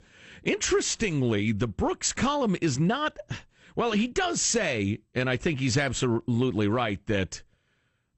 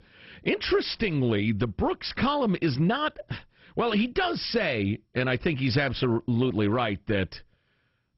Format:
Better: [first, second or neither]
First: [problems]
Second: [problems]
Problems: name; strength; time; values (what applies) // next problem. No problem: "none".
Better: first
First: garbled, watery; slightly; nothing above 8 kHz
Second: garbled, watery; badly; nothing above 5.5 kHz